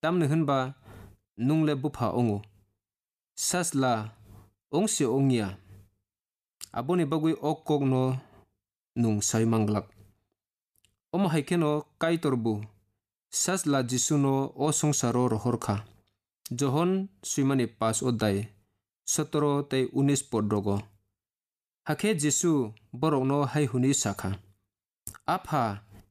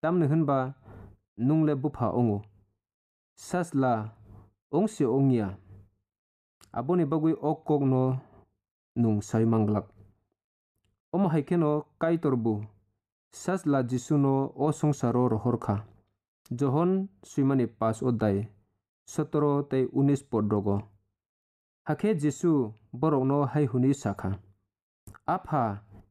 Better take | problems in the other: first | muffled; very; fading above 2 kHz

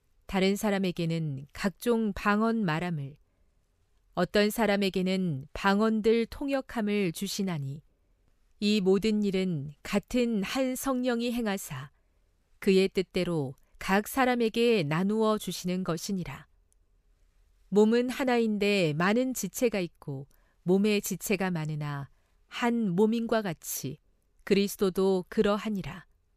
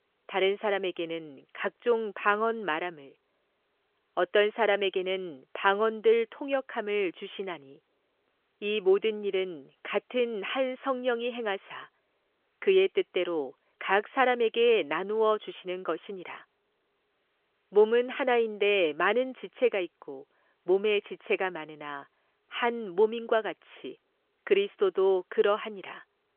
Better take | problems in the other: first | phone-call audio; nothing above 3.5 kHz

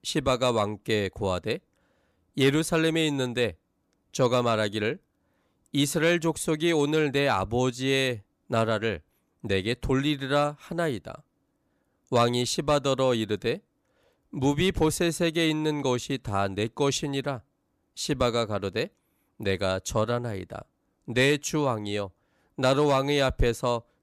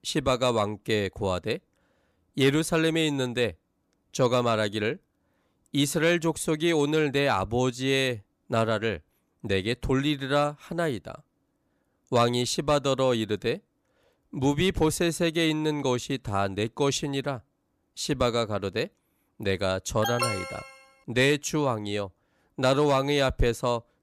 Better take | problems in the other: first | alarm; noticeable; at 20 s; peak 2 dB below the speech

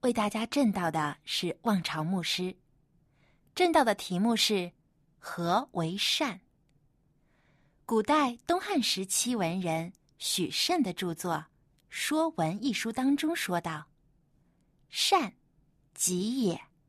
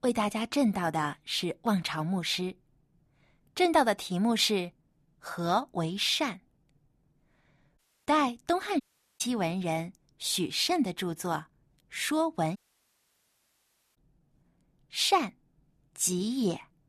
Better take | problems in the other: first | audio cutting out; at 8 s, at 9 s and at 13 s for 1.5 s

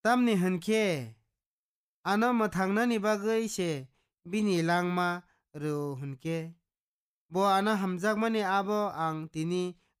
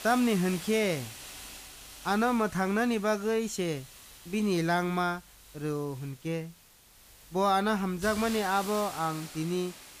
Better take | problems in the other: first | hiss; noticeable; throughout; 15 dB below the speech

